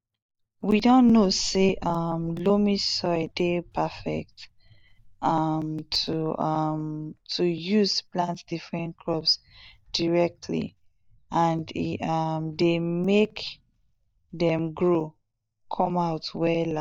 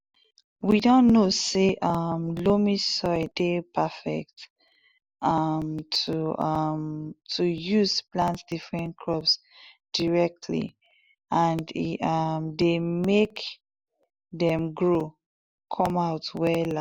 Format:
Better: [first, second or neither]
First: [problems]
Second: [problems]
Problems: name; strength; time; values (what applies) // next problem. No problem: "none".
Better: second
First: noise reduction (neural mask model DeepFilterNet 3)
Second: none